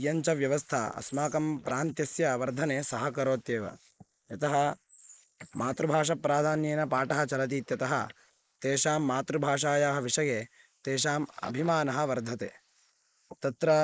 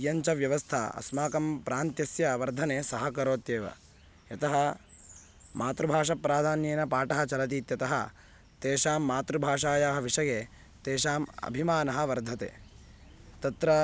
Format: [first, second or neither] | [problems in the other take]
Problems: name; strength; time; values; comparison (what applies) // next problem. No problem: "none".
second | noise reduction (neural mask model Resemble Enhance denoiser)